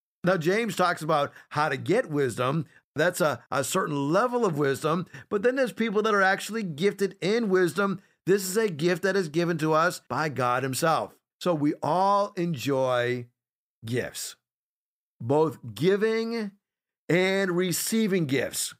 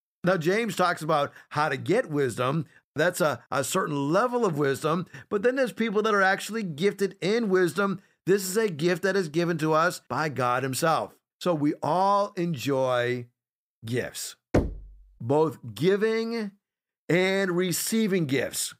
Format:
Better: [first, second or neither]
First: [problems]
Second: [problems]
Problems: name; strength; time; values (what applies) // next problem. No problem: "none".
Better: first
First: none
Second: door banging; noticeable; at 15 s; peak 1 dB below the speech